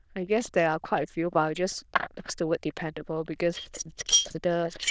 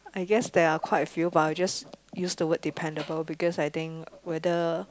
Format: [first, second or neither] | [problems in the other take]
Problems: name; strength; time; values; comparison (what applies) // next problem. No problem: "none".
second | noise reduction (neural diffusion model UNIVERSE++)